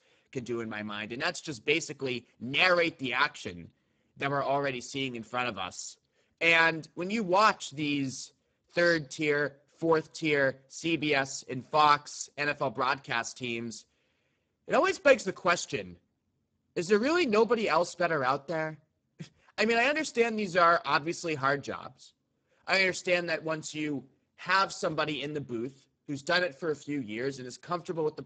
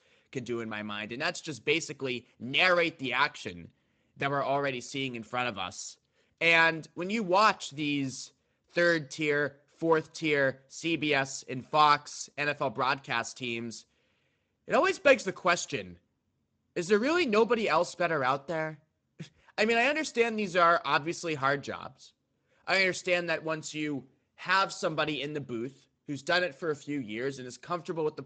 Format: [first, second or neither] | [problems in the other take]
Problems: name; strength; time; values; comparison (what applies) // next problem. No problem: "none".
second | garbled, watery; badly; nothing above 7.5 kHz; slightly in the second